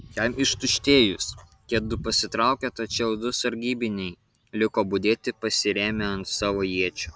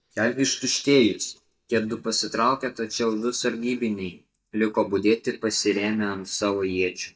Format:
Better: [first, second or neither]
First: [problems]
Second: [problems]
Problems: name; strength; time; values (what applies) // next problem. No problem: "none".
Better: first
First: none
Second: noise reduction (neural mask model DeepFilterNet 3)